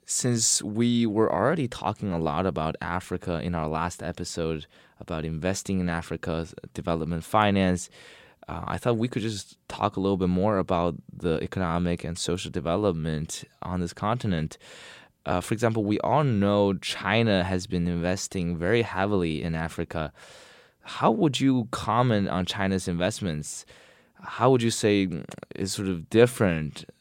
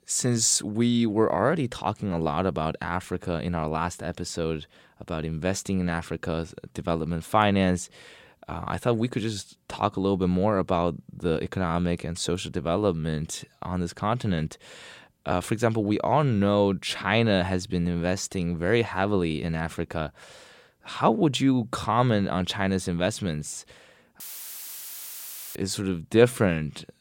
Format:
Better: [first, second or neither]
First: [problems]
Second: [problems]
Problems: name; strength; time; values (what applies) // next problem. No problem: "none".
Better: first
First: none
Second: audio cutting out; filled with static; at 24 s for 1.5 s